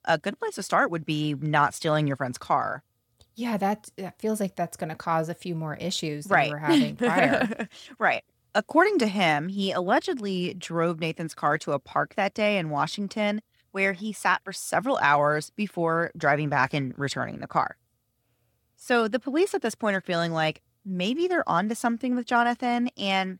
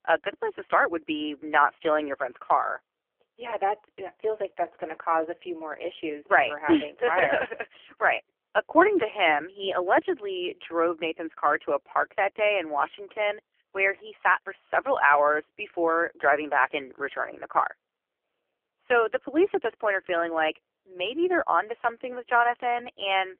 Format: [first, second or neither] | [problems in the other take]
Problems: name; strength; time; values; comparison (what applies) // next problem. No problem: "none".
first | phone-call audio; poor line; nothing above 3 kHz